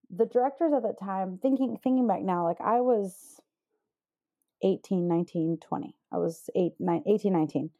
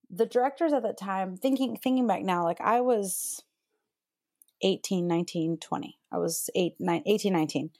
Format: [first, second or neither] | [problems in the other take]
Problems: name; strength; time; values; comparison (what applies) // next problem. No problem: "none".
second | muffled; very; fading above 1.5 kHz